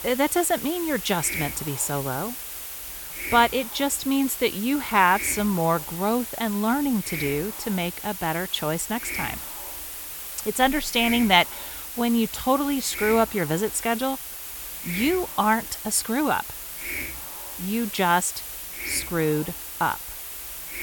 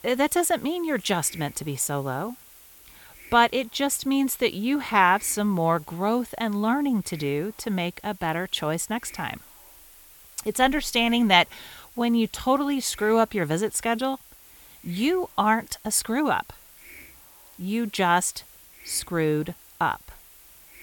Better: second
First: hiss; loud; throughout; 8 dB below the speech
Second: hiss; faint; throughout; 20 dB below the speech

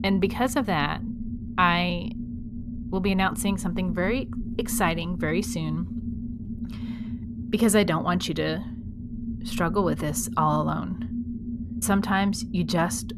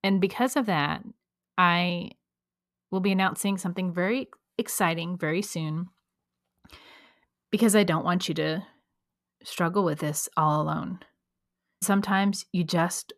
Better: second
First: low rumble; noticeable; throughout; 15 dB below the speech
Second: none

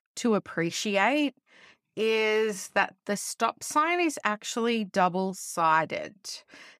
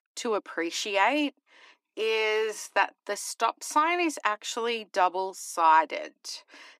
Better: first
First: none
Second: thin; somewhat; fading below 300 Hz

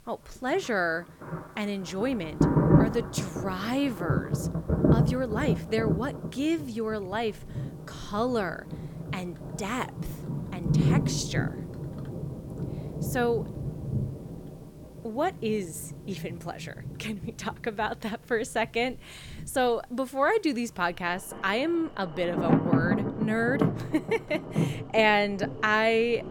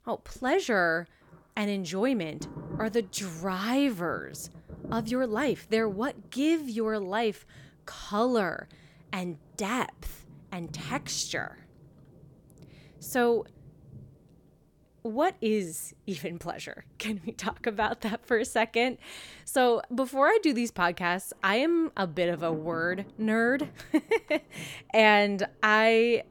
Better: second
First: rain or running water; loud; throughout; as loud as the speech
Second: rain or running water; faint; throughout; 20 dB below the speech

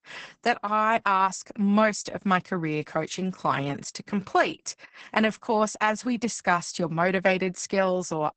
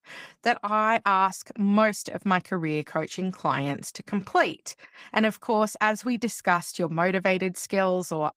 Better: second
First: garbled, watery; badly; nothing above 8 kHz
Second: garbled, watery; slightly; nothing above 15.5 kHz

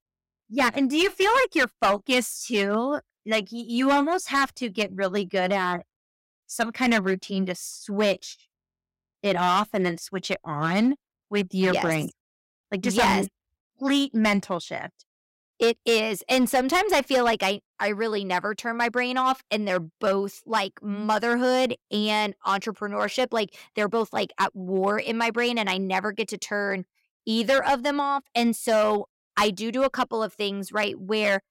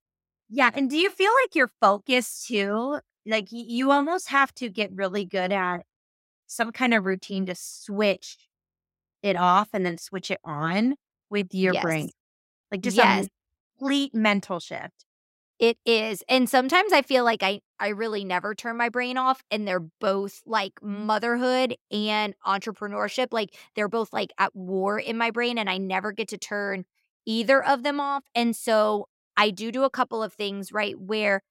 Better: second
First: distortion; slight; 4% of the sound clipped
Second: none

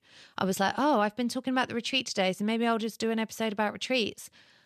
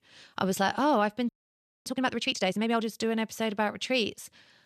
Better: first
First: none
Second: audio freezing; at 1.5 s for 0.5 s

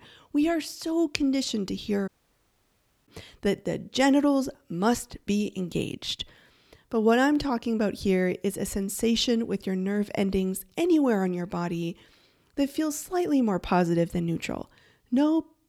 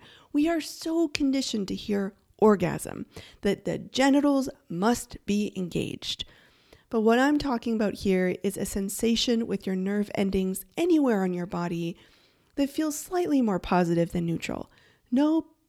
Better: second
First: audio cutting out; at 2 s for 1 s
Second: none

